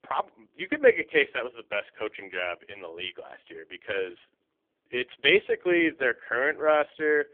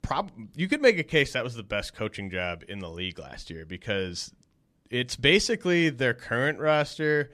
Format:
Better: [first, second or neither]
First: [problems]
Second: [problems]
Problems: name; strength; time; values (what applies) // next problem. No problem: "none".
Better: second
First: phone-call audio; poor line; nothing above 3.5 kHz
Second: none